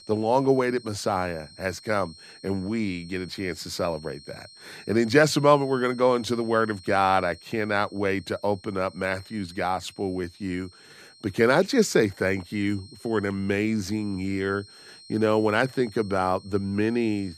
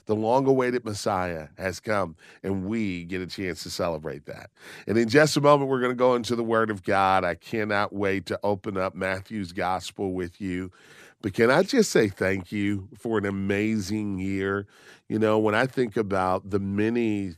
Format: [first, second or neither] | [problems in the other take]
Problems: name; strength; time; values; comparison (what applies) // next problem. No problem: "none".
second | high-pitched whine; faint; throughout; 4 kHz, 20 dB below the speech